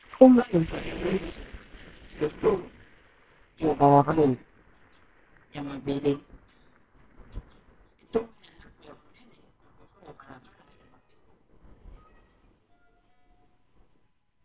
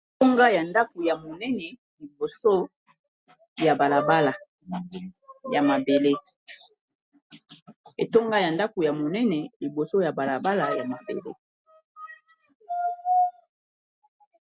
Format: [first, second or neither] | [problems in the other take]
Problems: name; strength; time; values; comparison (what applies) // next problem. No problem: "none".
second | noise reduction (neural separator model SepFormer WHAMR!)